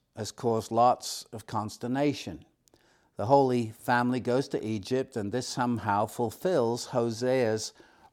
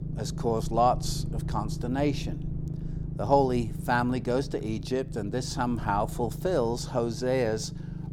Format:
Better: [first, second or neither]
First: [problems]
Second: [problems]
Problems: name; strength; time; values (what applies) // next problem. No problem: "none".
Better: first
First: none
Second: low rumble; noticeable; throughout; 15 dB below the speech